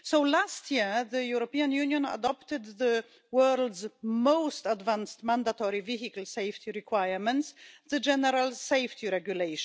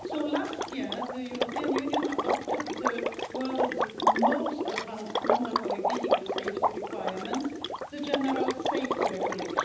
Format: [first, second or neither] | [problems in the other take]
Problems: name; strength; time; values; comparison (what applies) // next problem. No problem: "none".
first | background sound (Water / Liquid); 5 dB above the speech // room echo; dies away in 0.9 s